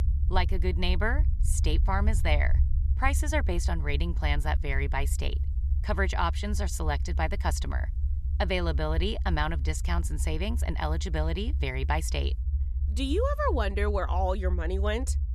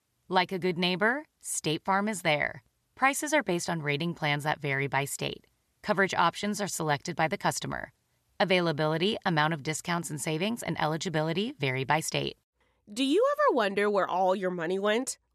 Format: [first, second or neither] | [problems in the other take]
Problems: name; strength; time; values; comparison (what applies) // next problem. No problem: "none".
second | low rumble; noticeable; throughout; 15 dB below the speech